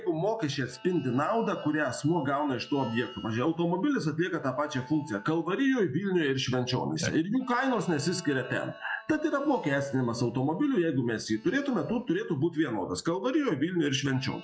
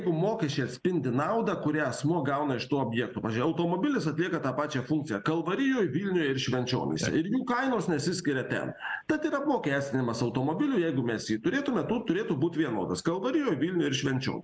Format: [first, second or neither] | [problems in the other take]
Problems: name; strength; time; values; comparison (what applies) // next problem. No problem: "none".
second | noise reduction (classical method log-MMSE)